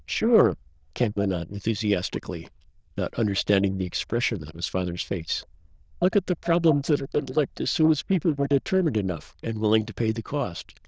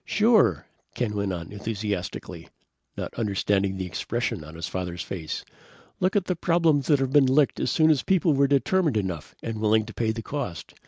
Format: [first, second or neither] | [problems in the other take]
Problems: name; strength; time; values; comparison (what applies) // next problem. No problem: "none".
second | noise reduction (neural diffusion model UNIVERSE++)